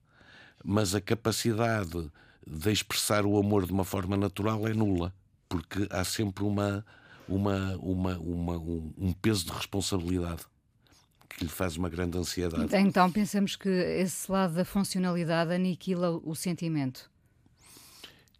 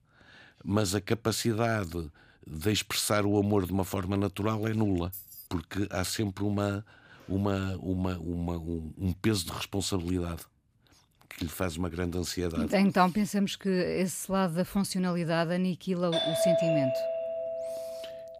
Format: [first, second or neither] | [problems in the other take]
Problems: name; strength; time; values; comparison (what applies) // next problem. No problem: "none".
first | jangling keys; faint; at 5 s; peak 10 dB below the speech // doorbell; loud; from 16 s on; peak 4 dB above the speech